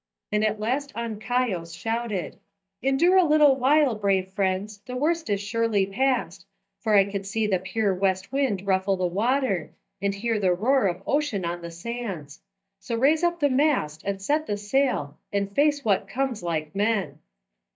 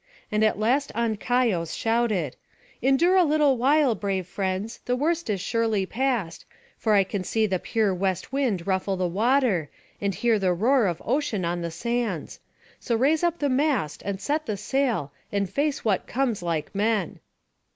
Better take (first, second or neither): second